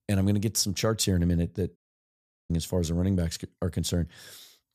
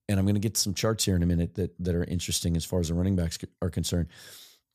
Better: second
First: audio cutting out; at 2 s for 0.5 s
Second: none

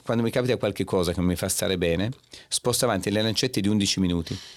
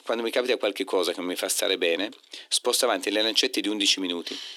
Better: first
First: none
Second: thin; somewhat; fading below 300 Hz

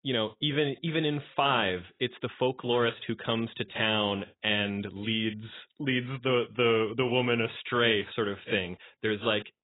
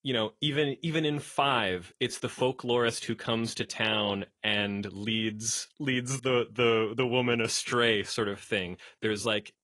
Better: second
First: garbled, watery; badly; nothing above 3.5 kHz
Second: garbled, watery; slightly; nothing above 10.5 kHz

